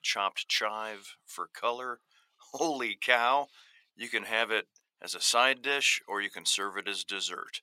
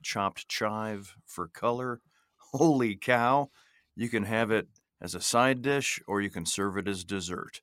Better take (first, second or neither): second